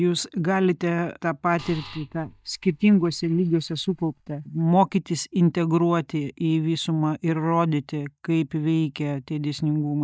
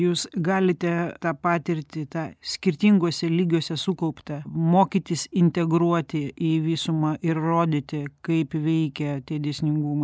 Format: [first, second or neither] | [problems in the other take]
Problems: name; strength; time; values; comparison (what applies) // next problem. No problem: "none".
second | noise reduction (neural mask model DeepFilterNet 3)